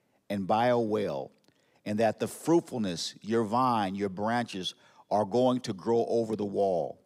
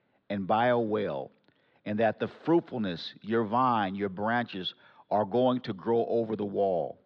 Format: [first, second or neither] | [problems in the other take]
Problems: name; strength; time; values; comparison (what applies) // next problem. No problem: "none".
first | muffled; slightly; fading above 4 kHz